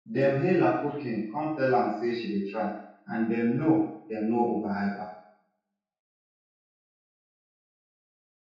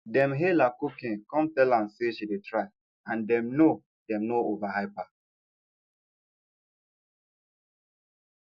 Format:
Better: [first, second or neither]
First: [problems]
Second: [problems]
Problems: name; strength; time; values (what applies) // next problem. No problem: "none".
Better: second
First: room echo; dies away in 0.6 s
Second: none